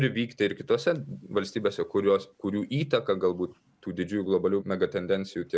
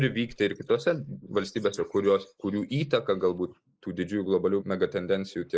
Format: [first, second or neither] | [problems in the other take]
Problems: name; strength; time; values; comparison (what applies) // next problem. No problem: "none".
first | noise reduction (neural mask model Resemble Enhance denoiser)